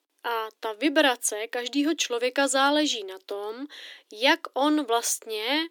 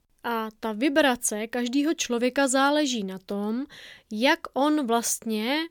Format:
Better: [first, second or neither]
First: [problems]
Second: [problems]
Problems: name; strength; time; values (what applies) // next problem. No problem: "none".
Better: second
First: thin; very slightly; fading below 300 Hz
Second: none